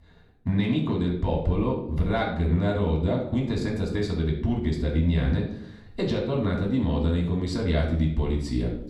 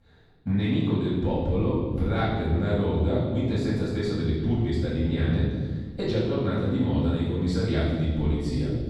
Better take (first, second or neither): first